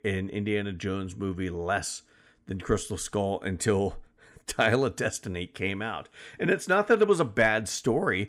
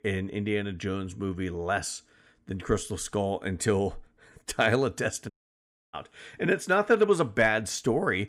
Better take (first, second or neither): first